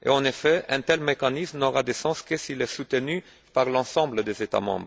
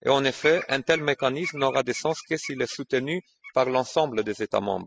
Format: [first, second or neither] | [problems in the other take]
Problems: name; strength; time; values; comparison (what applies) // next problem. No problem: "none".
first | noise reduction (classical method spectral subtraction)